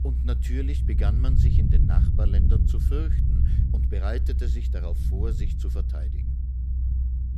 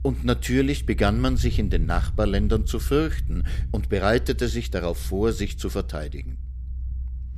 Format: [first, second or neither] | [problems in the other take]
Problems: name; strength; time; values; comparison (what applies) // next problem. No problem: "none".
second | low rumble; loud; throughout; 1 dB below the speech; faint in the second